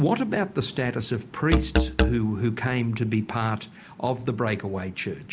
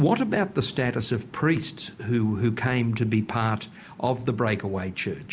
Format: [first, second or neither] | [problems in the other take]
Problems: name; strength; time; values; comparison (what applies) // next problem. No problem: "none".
second | background sound (Musical instrument); 1 dB above the speech